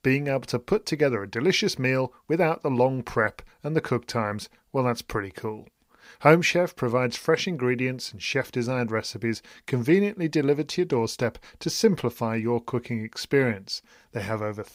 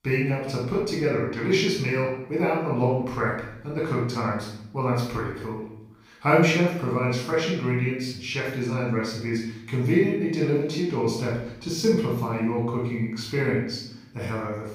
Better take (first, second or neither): first